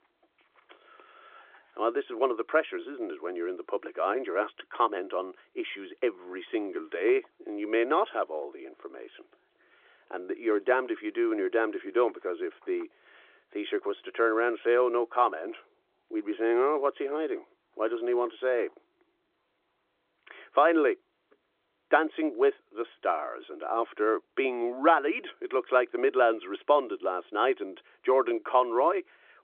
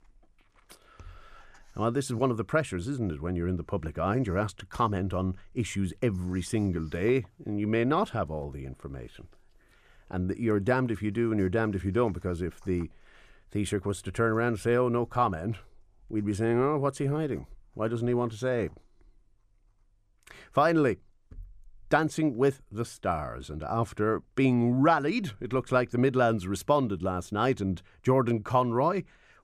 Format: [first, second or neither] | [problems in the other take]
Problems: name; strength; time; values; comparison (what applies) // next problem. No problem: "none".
second | phone-call audio; nothing above 3.5 kHz